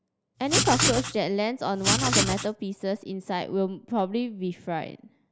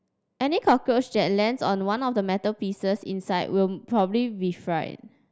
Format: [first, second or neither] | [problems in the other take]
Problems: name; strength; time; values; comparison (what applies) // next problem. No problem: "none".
second | background sound (Writing); 3 dB above the speech